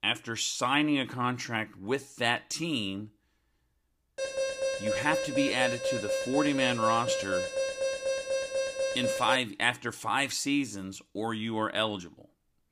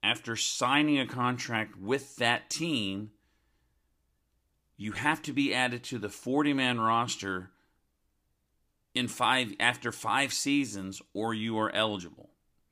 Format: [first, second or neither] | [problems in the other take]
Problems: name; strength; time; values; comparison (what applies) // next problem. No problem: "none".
second | alarm; noticeable; from 4 to 9.5 s; peak 1 dB below the speech